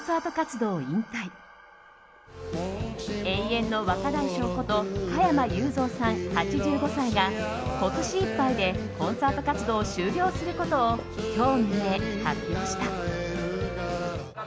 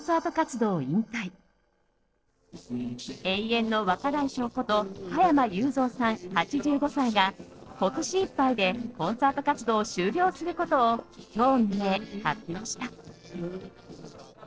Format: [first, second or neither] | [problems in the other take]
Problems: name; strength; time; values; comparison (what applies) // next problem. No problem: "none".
first | noise reduction (neural separator model SepFormer DNS4)